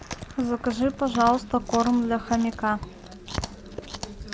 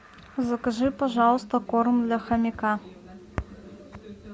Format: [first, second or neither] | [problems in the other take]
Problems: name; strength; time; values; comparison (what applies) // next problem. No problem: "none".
second | background sound (Chewing, mastication); 13 dB below the speech